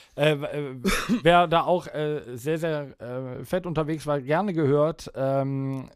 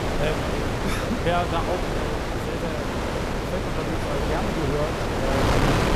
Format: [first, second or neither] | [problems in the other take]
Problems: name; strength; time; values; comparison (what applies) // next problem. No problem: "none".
first | wind noise on the microphone; heavy; 4 dB above the speech